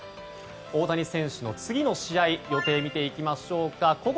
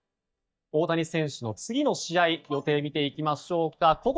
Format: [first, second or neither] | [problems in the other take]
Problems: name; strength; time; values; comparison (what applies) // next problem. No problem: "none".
first | noise reduction (neural mask model DeepFilterNet 3)